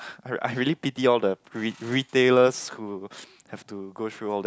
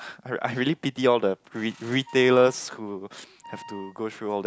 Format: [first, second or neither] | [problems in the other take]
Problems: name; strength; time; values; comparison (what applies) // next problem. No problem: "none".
first | background sound (Wind instrument, woodwind instrument); 20 dB below the speech